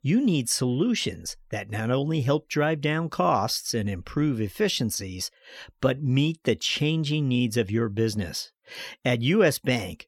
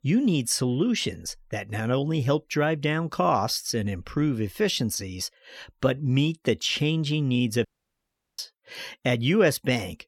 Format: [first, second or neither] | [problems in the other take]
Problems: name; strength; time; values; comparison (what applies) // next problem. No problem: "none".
first | audio cutting out; at 7.5 s for 0.5 s